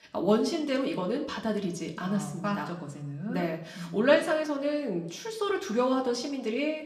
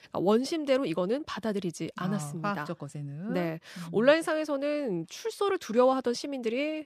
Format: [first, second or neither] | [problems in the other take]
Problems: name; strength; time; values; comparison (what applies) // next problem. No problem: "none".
second | room echo; slight; dies away in 0.6 s // off-mic speech; somewhat distant